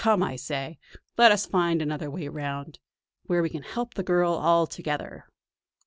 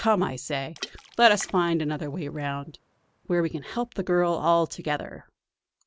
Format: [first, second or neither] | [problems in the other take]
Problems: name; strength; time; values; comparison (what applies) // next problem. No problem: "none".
first | background sound (Water / Splash, splatter); 20 dB below the speech